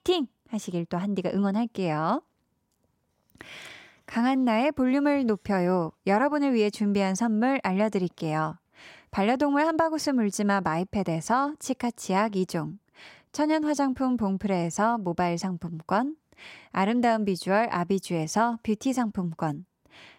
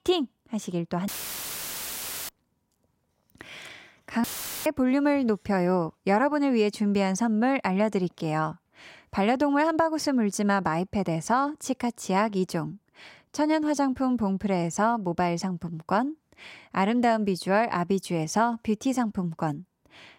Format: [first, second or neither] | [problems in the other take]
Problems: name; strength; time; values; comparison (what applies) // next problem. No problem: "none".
first | audio cutting out; filled with static; at 1 s for 1 s and at 4 s